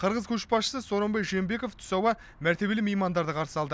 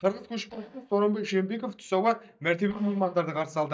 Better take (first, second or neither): first